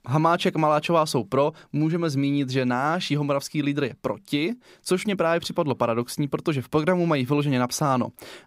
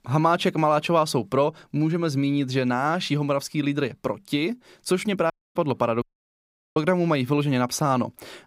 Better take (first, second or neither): first